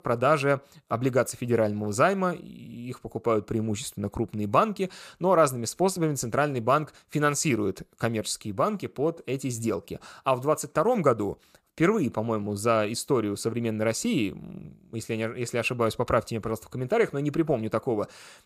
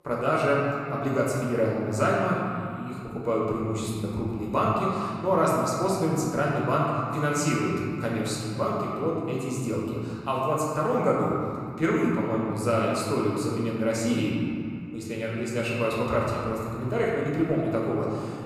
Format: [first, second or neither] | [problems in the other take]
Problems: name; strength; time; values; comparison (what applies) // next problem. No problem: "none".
first | room echo; noticeable; dies away in 2.5 s // off-mic speech; far